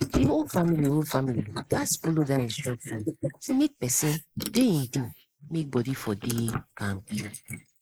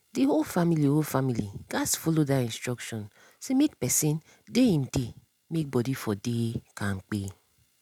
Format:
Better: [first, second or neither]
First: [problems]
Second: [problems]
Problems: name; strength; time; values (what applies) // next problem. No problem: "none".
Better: second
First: noise reduction (neural mask model Resemble Enhance denoiser)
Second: none